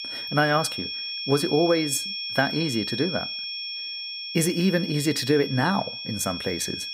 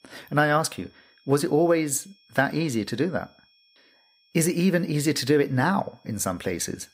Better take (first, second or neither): second